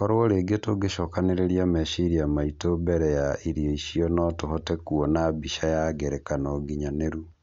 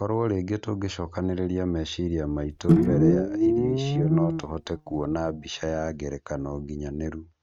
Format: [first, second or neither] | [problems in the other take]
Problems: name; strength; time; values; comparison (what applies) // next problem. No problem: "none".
first | noise reduction (neural mask model RNNoise)